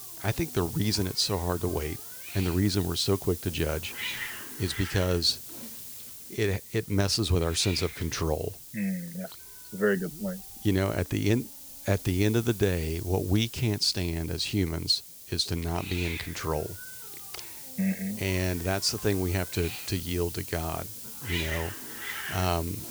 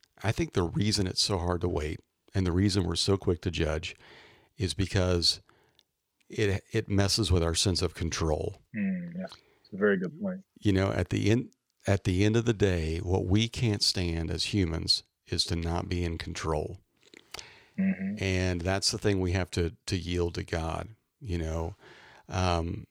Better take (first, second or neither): second